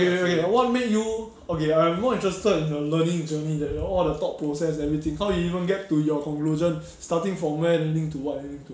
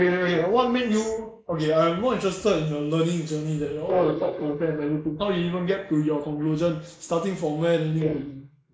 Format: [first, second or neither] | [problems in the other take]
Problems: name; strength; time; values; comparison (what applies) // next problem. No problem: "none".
first | noise reduction (neural mask model Resemble Enhance denoiser)